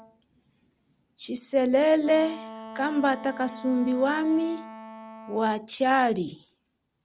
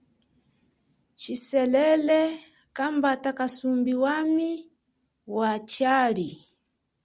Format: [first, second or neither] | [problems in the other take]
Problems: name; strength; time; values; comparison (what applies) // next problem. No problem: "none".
second | background sound (Wind instrument, woodwind instrument); 18 dB below the speech